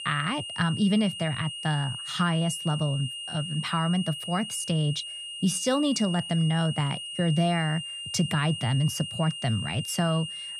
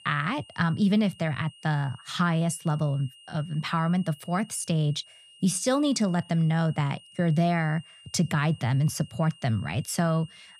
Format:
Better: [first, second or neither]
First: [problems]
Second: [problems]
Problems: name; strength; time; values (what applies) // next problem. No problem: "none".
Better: second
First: high-pitched whine; loud; throughout; 3 kHz, 7 dB below the speech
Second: high-pitched whine; faint; throughout; 3 kHz, 25 dB below the speech